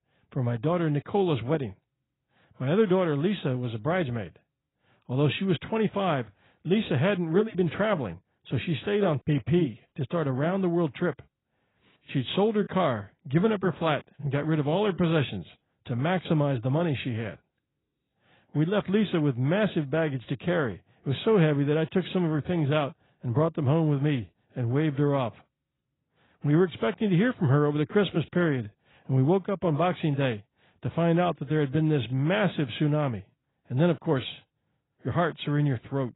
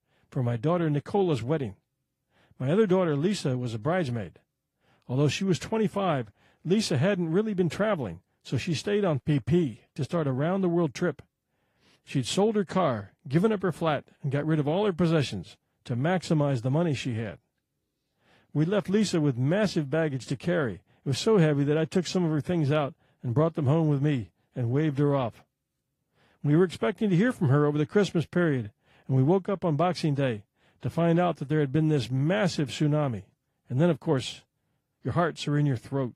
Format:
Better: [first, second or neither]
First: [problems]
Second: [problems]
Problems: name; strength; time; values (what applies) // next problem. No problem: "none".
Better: second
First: garbled, watery; badly; nothing above 4 kHz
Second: garbled, watery; slightly